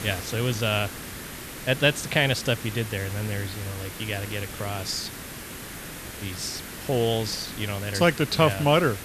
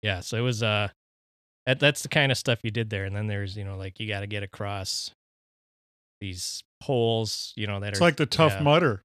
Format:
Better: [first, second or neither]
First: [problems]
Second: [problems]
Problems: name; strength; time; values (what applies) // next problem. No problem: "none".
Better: second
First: hiss; noticeable; throughout; 10 dB below the speech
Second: none